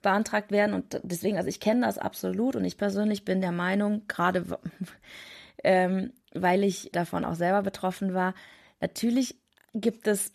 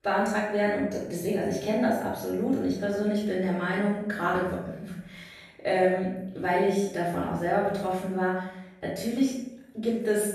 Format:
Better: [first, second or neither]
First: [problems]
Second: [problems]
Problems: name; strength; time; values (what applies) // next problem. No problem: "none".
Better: first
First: none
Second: off-mic speech; far // room echo; noticeable; dies away in 0.8 s